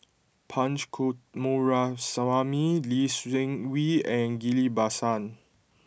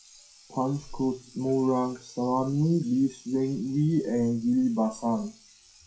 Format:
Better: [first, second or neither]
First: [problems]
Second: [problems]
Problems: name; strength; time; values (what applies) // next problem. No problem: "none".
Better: first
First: none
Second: noise reduction (classical method WPE with log-MMSE)